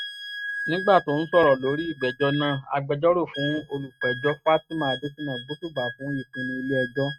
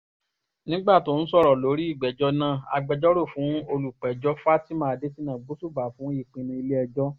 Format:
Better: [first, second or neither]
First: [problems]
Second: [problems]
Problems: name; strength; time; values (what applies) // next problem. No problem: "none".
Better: second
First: noise reduction (neural mask model RNNoise)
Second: none